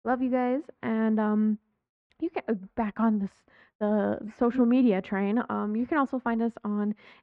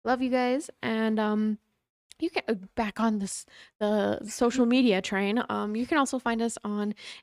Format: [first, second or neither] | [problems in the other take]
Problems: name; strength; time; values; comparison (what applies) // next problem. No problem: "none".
second | muffled; very; fading above 1.5 kHz